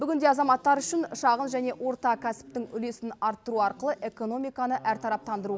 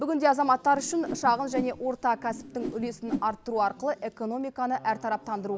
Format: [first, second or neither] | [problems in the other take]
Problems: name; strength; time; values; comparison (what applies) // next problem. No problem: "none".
first | background sound (Whoosh, swoosh, swish); 9 dB below the speech